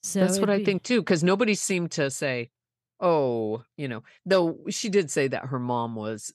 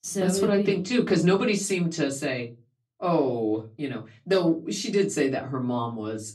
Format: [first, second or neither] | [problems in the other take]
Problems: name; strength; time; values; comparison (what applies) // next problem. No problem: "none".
first | off-mic speech; far // room echo; very slight; dies away in 0.2 s